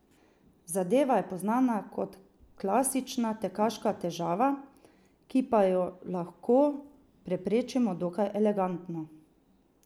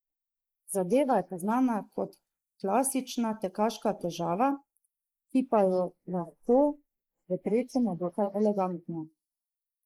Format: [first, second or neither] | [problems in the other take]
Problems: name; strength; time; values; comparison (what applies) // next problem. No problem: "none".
first | noise reduction (neural mask model Resemble Enhance denoiser)